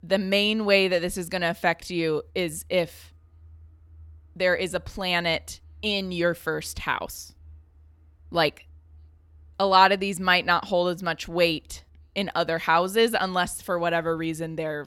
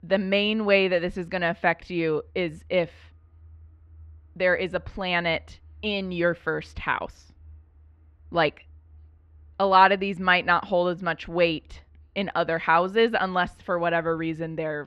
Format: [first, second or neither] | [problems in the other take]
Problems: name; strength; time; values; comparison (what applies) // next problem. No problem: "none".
first | muffled; slightly; fading above 2.5 kHz